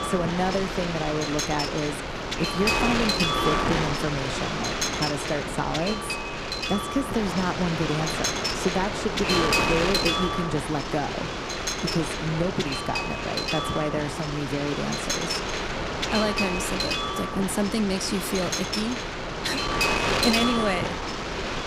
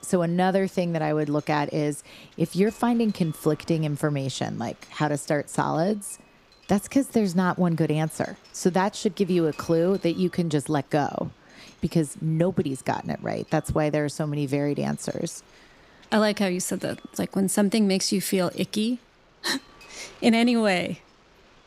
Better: second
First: wind noise on the microphone; heavy; 5 dB above the speech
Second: wind noise on the microphone; occasional gusts; 25 dB below the speech

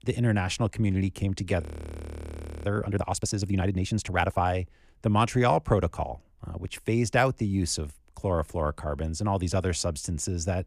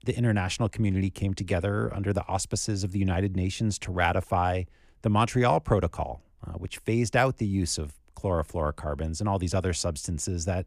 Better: second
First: audio freezing; at 1.5 s for 1 s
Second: none

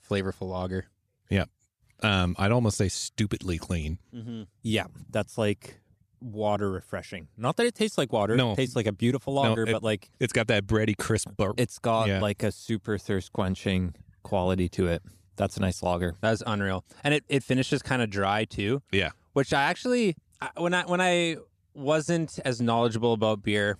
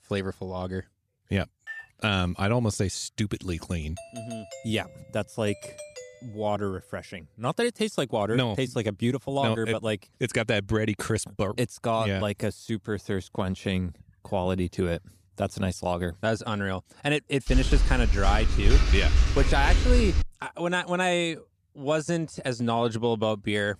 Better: first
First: none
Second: clattering dishes; faint; at 1.5 s; peak 10 dB below the speech // doorbell; faint; from 4 to 6.5 s; peak 15 dB below the speech // keyboard typing; loud; from 17 to 20 s; peak 6 dB above the speech

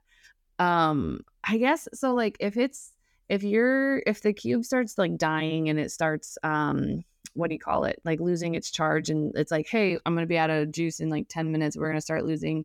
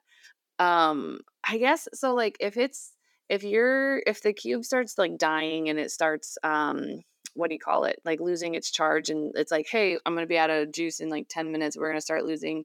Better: first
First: none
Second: thin; somewhat; fading below 300 Hz

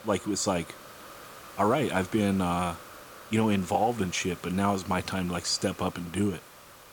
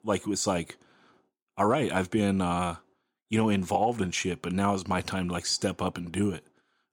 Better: second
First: hiss; noticeable; throughout; 15 dB below the speech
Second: none

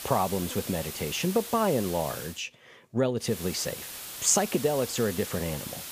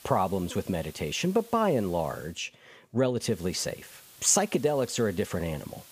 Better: second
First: hiss; loud; until 2.5 s and from 3.5 s on; 8 dB below the speech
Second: hiss; faint; until 2.5 s and from 3.5 s on; 20 dB below the speech

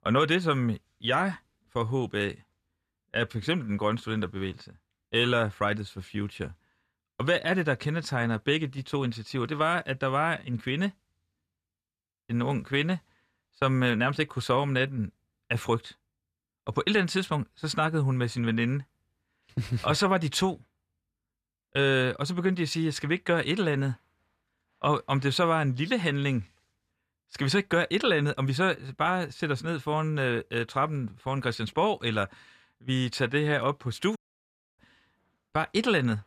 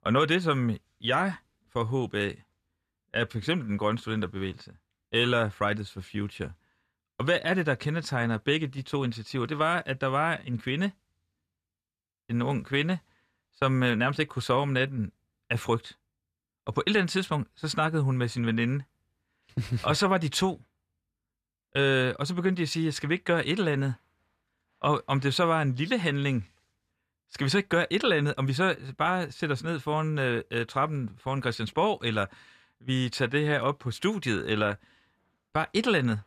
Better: second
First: audio cutting out; at 34 s for 0.5 s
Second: none

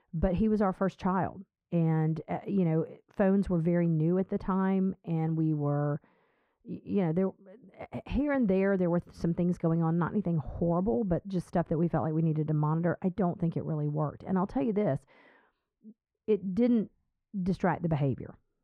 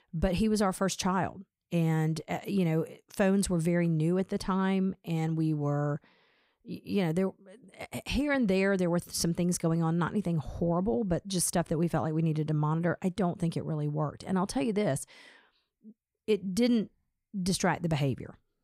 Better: second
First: muffled; very; fading above 3.5 kHz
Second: none

